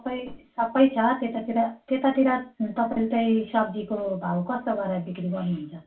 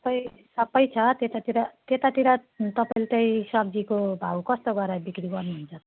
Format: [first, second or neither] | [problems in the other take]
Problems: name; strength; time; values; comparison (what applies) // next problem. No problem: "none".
second | room echo; dies away in 0.3 s